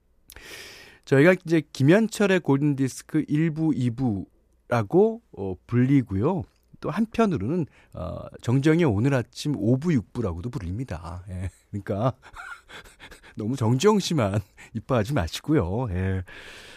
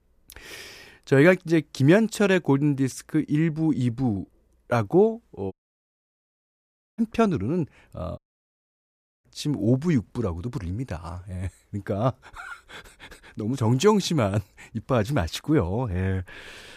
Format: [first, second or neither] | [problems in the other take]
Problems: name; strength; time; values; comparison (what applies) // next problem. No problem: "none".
first | audio cutting out; at 5.5 s for 1.5 s and at 8 s for 1 s